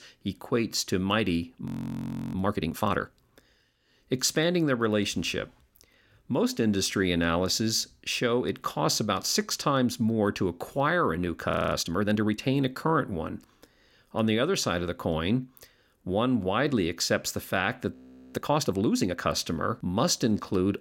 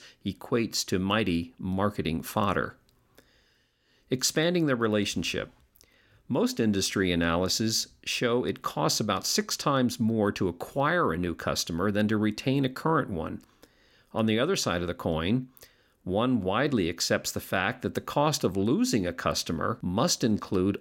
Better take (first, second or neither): second